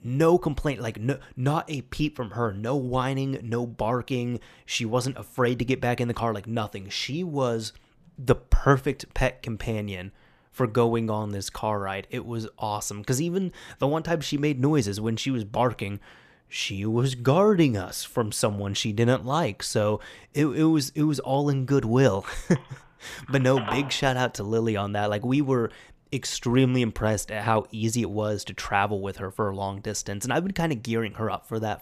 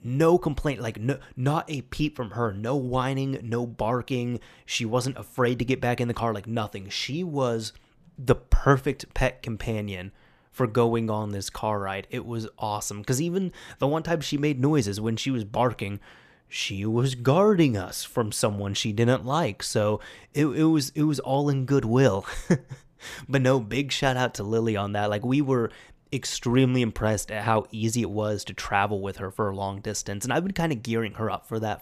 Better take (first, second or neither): second